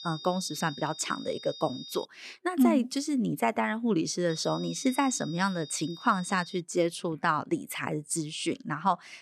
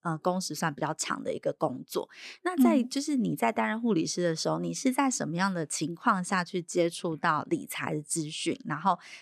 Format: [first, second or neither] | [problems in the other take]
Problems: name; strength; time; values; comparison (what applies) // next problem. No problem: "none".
second | high-pitched whine; noticeable; until 2 s and from 4.5 to 6.5 s; 3.5 kHz, 15 dB below the speech